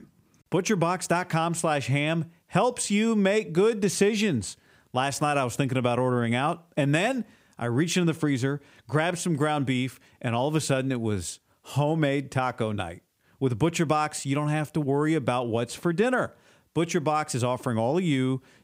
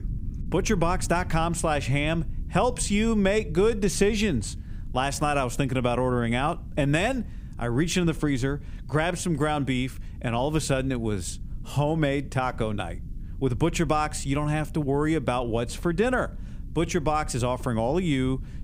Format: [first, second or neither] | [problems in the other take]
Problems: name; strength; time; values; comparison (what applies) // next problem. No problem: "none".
first | low rumble; faint; throughout; 25 dB below the speech